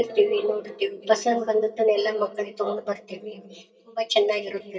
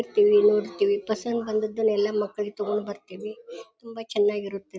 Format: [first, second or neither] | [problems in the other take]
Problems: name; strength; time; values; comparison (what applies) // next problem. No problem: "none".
second | noise reduction (neural mask model DeepFilterNet 3)